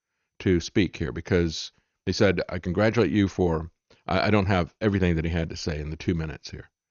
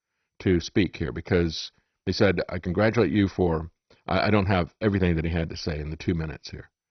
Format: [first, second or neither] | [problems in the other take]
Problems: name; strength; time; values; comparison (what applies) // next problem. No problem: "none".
first | garbled, watery; badly; nothing above 6 kHz; slightly in the first